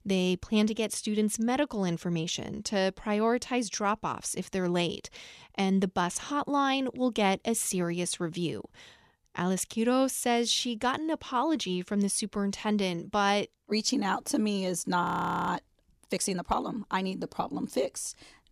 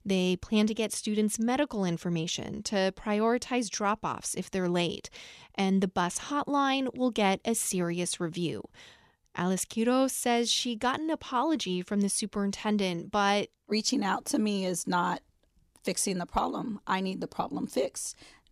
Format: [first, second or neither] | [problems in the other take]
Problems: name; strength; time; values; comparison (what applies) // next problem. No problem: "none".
second | audio freezing; at 15 s